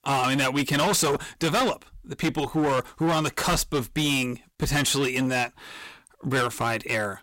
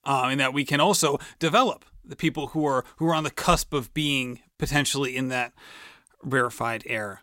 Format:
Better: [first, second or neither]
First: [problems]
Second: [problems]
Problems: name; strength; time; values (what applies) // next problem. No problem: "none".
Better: second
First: distortion; heavy; 15% of the sound clipped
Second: none